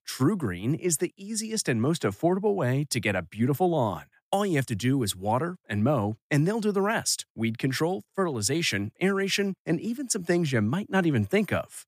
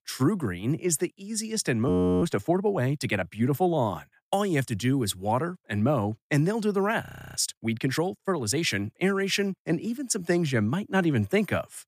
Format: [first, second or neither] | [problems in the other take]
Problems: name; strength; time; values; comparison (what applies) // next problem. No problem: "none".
first | audio freezing; at 2 s and at 7 s